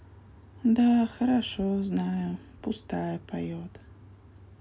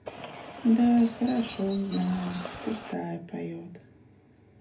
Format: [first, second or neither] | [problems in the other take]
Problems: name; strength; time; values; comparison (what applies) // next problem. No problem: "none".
first | background sound (Bird); 13 dB below the speech // room echo; dies away in 0.3 s